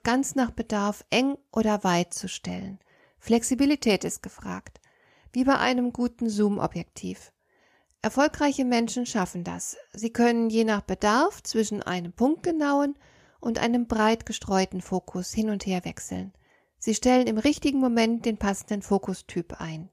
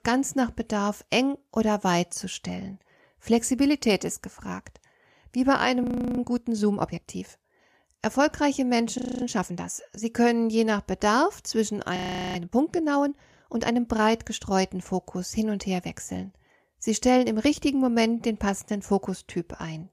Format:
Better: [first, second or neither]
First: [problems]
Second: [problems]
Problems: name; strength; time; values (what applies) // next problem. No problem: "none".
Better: first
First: none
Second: audio freezing; at 6 s, at 9 s and at 12 s